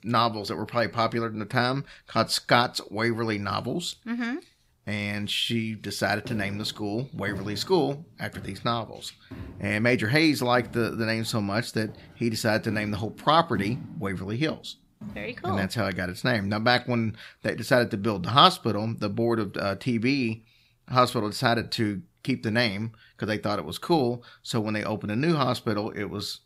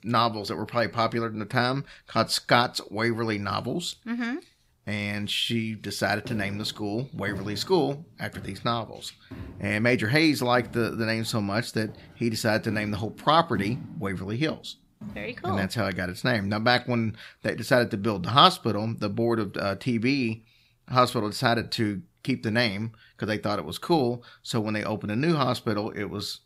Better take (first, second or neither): neither